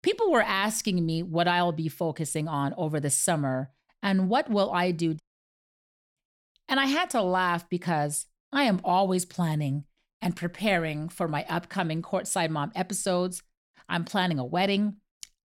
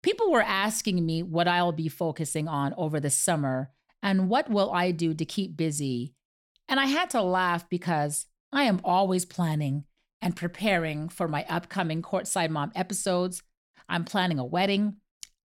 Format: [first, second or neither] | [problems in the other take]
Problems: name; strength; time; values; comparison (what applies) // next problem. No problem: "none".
second | audio cutting out; at 5 s for 1 s